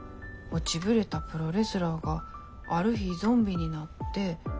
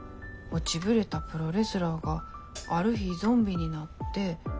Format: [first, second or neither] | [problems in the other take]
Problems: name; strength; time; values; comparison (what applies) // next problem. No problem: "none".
first | background sound (Hi-hat); 17 dB below the speech